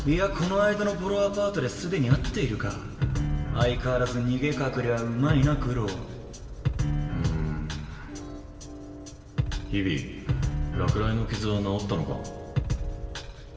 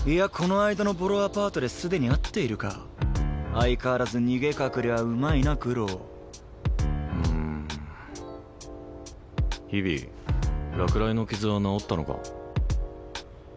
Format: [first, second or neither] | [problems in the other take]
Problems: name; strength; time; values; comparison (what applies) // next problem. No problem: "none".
second | room echo; dies away in 2.8 s